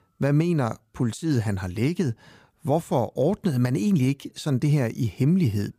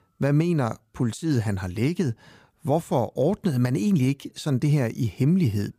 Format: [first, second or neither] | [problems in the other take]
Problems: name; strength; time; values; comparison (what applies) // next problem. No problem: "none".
neither | none